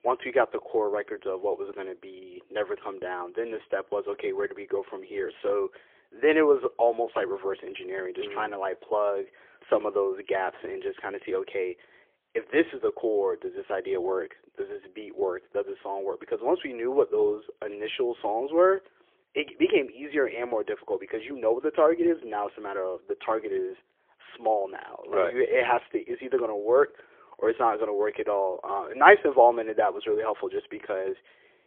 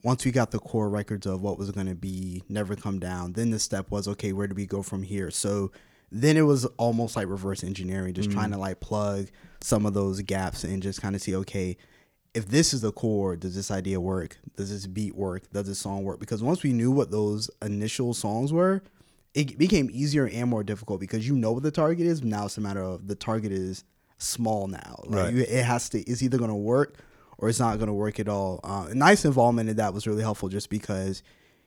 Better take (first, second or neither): second